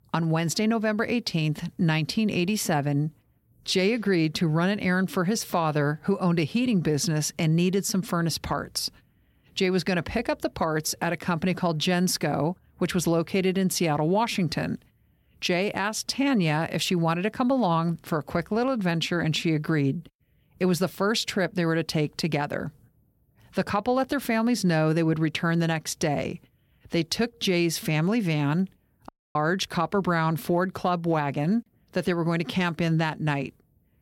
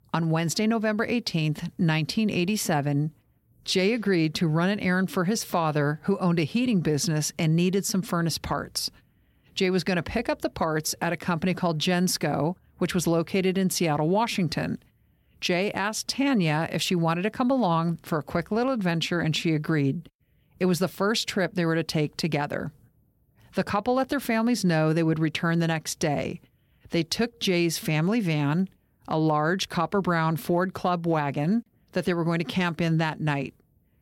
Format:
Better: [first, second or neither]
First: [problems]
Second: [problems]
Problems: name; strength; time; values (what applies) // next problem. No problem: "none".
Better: second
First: audio cutting out; at 29 s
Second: none